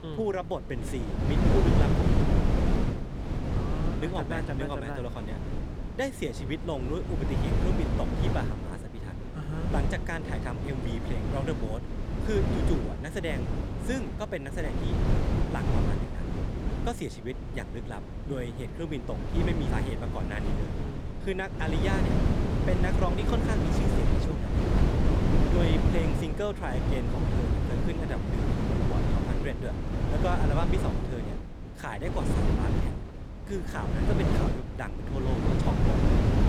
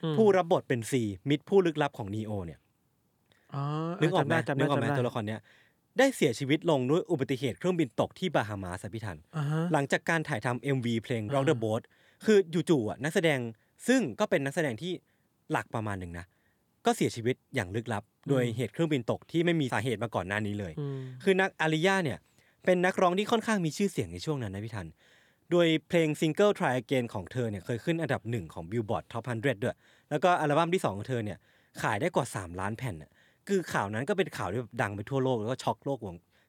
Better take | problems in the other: second | wind noise on the microphone; heavy; 1 dB above the speech

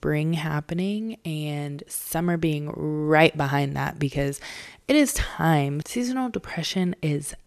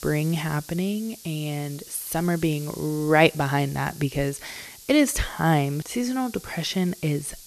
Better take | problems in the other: first | hiss; noticeable; throughout; 15 dB below the speech

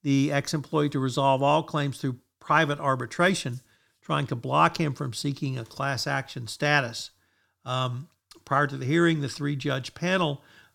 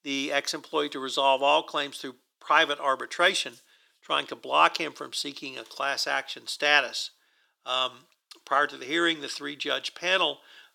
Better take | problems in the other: first | thin; somewhat; fading below 400 Hz

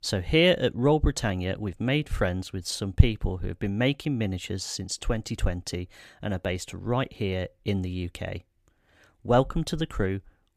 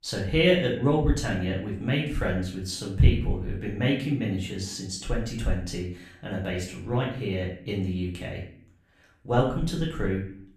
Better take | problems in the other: first | off-mic speech; far // room echo; noticeable; dies away in 0.5 s

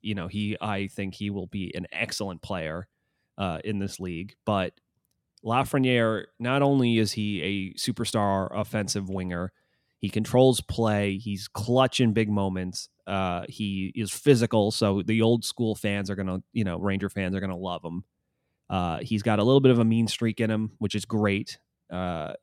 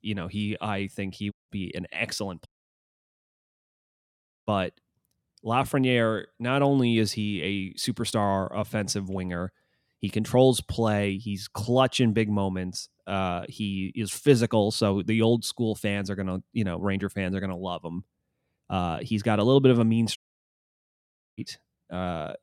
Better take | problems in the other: first | audio cutting out; at 1.5 s, at 2.5 s for 2 s and at 20 s for 1 s

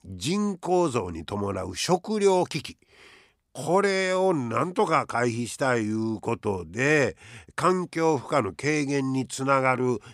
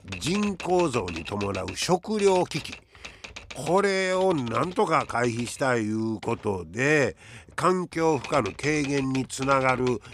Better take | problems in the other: first | household noises; noticeable; throughout; 15 dB below the speech

